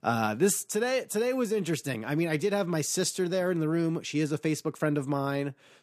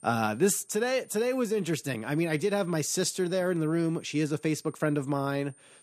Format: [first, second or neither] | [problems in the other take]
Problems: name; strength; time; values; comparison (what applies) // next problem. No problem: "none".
first | high-pitched whine; faint; throughout; 9 kHz, 25 dB below the speech